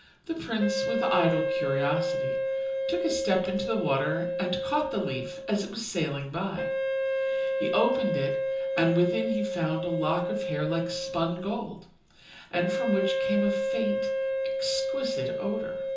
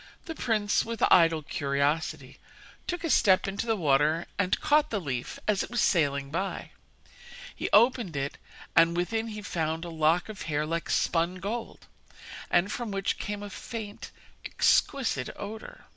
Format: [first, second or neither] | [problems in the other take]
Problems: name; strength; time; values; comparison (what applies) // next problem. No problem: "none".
second | background sound (Wind instrument, woodwind instrument); as loud as the speech // room echo; dies away in 0.6 s